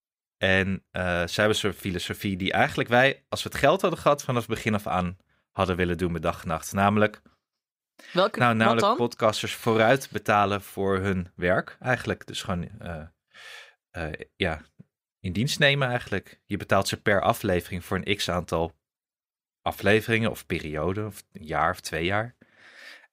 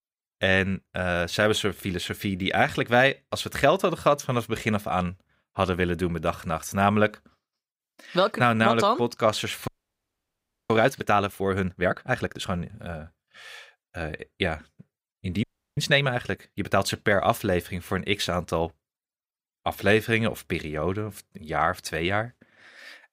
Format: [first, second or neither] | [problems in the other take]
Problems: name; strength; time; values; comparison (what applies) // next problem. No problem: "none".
first | audio freezing; at 9.5 s for 1 s and at 15 s